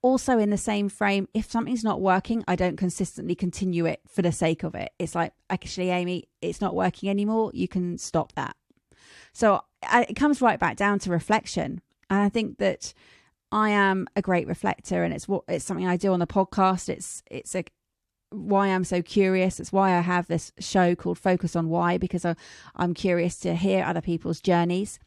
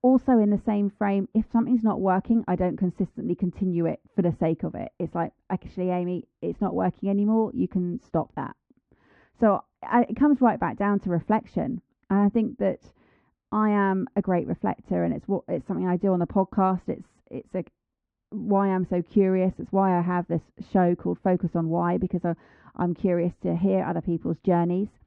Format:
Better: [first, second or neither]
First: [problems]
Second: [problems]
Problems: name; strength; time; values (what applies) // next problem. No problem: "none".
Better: first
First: none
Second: muffled; very; fading above 1 kHz